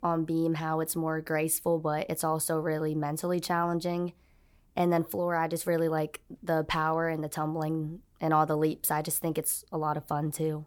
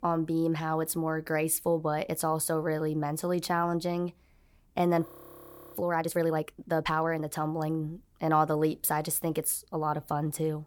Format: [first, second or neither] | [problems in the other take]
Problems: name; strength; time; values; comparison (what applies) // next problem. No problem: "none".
first | audio freezing; at 5 s for 0.5 s